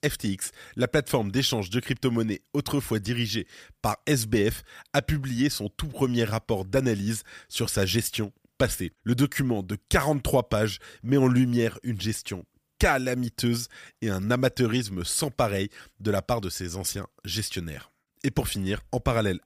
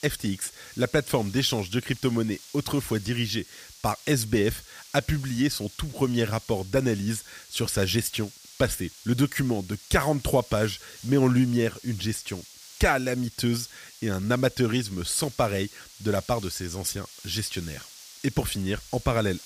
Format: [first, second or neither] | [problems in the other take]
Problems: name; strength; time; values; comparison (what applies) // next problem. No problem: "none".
first | hiss; noticeable; throughout; 20 dB below the speech